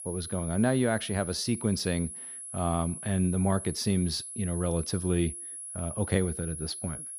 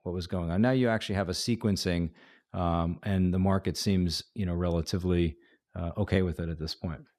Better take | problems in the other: second | high-pitched whine; loud; throughout; 10.5 kHz, 8 dB below the speech

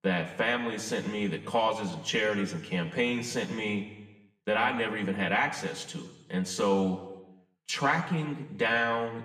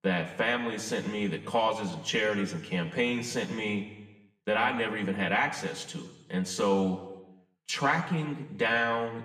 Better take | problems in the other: neither | room echo; slight; dies away in 1 s; the same in both // off-mic speech; somewhat distant; the same in both

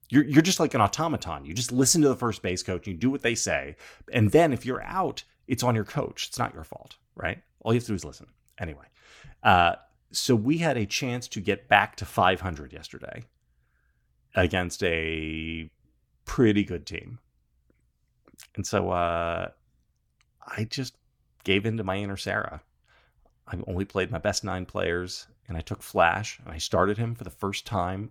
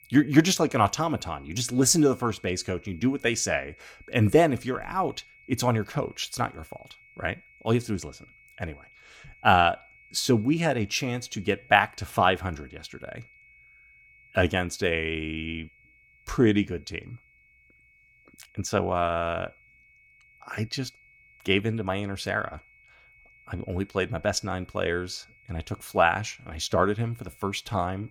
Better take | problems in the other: first | high-pitched whine; faint; throughout; 2 kHz, 30 dB below the speech

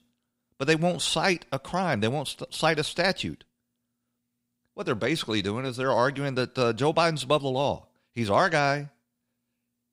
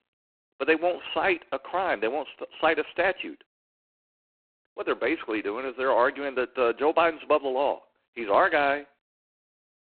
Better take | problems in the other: first | phone-call audio; poor line; nothing above 4 kHz

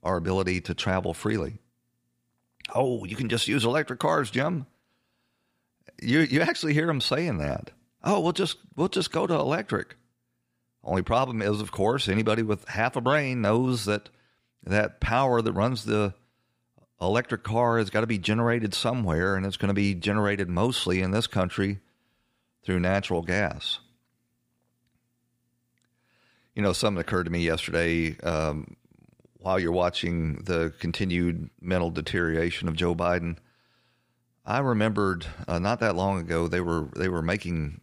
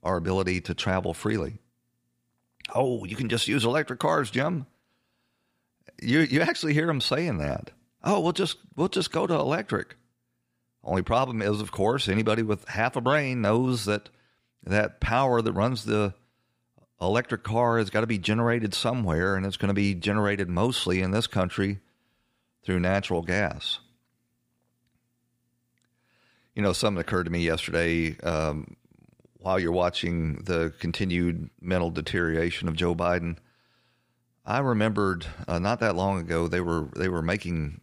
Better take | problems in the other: neither | none

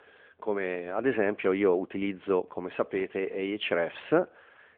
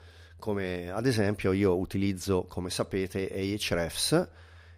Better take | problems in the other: second | phone-call audio

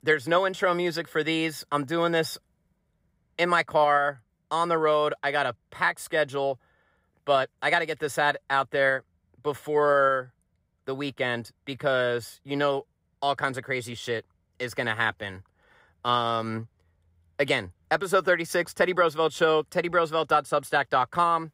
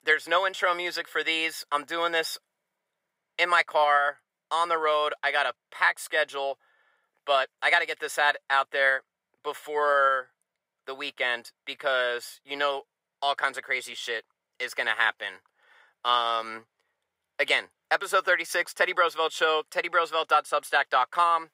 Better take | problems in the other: first | thin; very; fading below 600 Hz

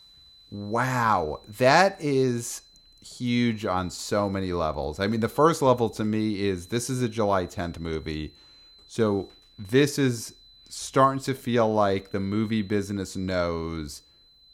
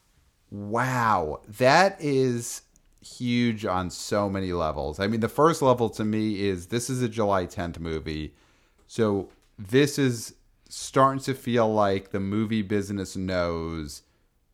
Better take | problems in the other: second | high-pitched whine; faint; throughout; 4 kHz, 25 dB below the speech

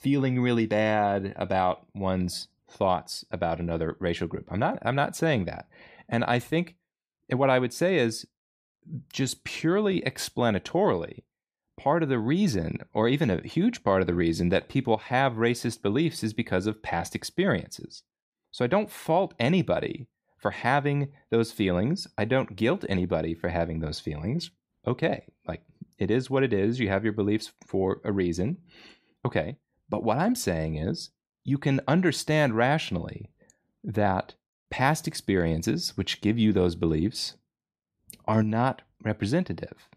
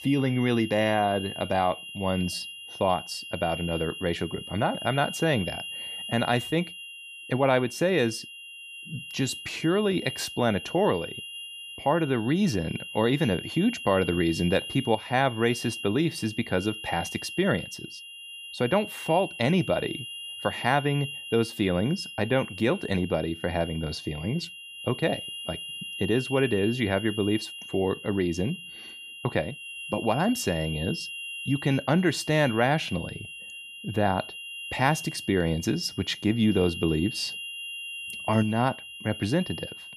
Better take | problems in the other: first | high-pitched whine; loud; throughout; 3 kHz, 10 dB below the speech

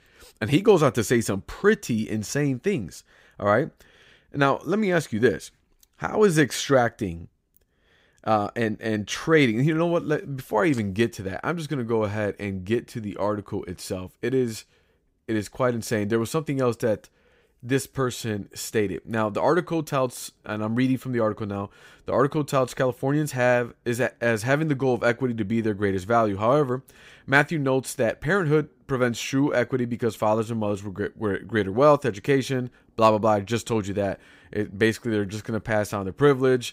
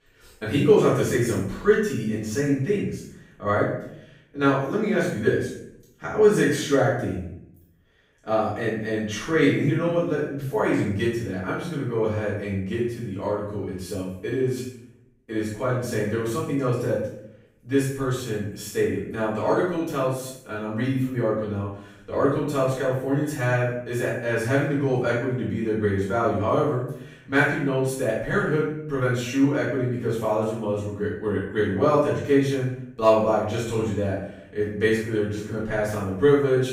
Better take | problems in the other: first | off-mic speech; far // room echo; noticeable; dies away in 0.6 s

